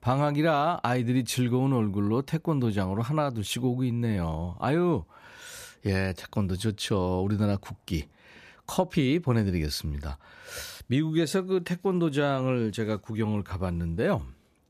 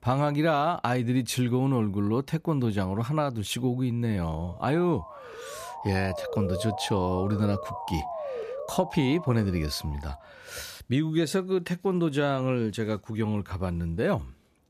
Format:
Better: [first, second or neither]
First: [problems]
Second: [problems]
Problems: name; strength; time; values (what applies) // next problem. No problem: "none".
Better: first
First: none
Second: siren; noticeable; from 4.5 to 10 s; peak 5 dB below the speech